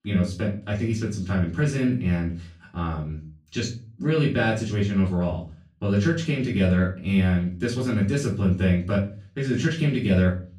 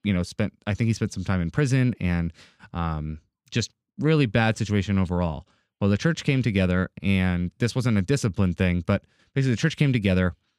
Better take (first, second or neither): second